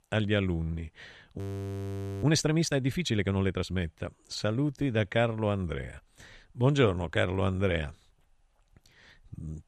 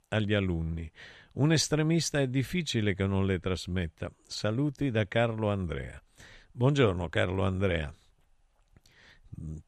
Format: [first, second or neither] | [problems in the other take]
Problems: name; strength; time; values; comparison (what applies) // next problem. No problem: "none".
second | audio freezing; at 1.5 s for 1 s